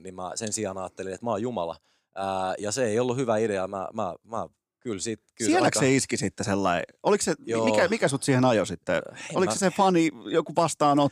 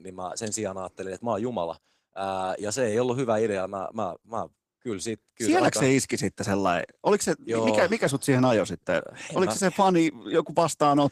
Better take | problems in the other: first | garbled, watery; slightly

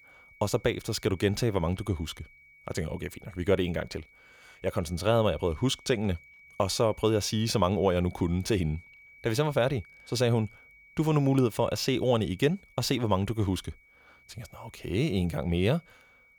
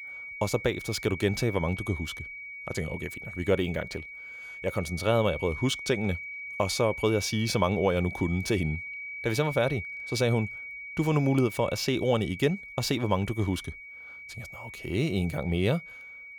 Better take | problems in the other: first | high-pitched whine; loud; throughout; 2.5 kHz, 10 dB below the speech; faint in the first

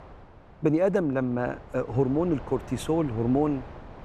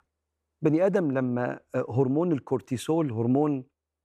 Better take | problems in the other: second | wind noise on the microphone; occasional gusts; 15 dB below the speech

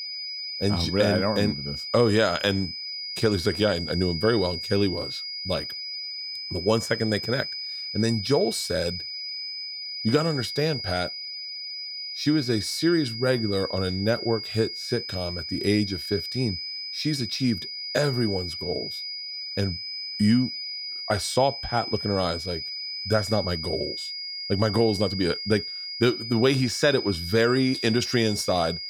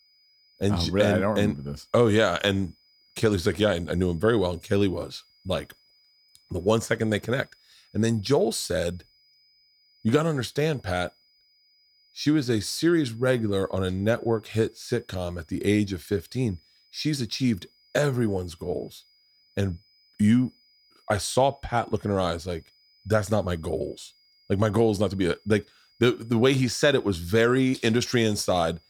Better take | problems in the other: second | high-pitched whine; loud; throughout; 5 kHz, 6 dB below the speech; faint in the second

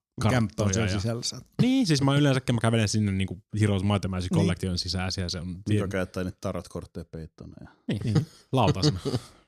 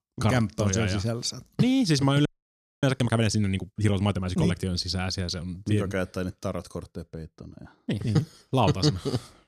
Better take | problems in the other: first | audio freezing; at 2.5 s for 0.5 s

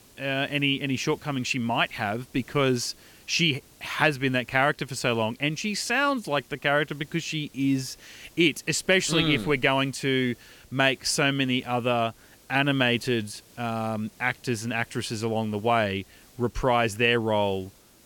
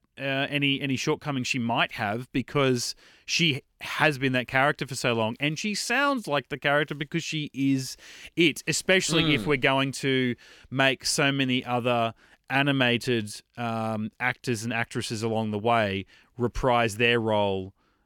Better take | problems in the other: second | hiss; faint; throughout; 30 dB below the speech

